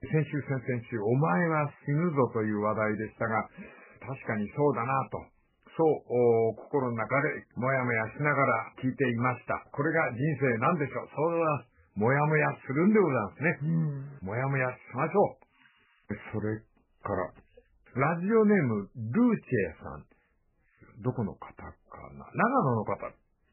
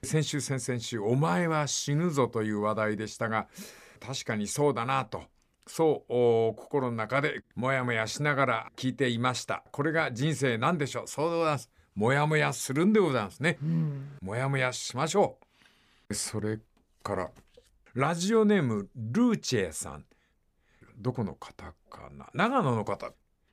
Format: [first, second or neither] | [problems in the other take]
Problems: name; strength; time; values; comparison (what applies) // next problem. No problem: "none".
second | garbled, watery; badly; nothing above 2.5 kHz